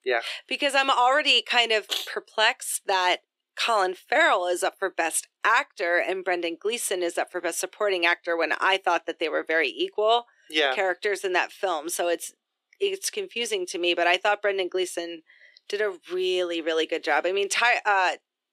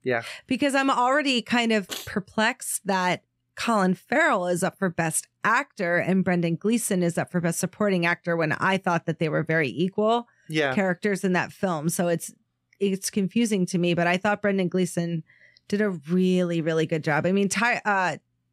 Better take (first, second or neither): second